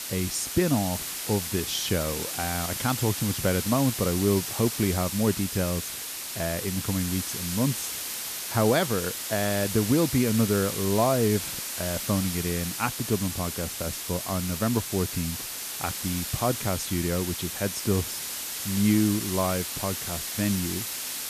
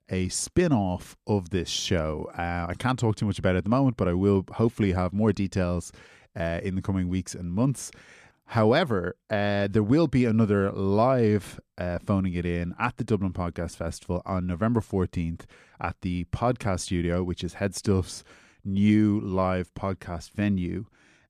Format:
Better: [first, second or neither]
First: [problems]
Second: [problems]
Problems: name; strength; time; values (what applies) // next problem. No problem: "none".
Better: second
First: hiss; loud; throughout; 3 dB below the speech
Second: none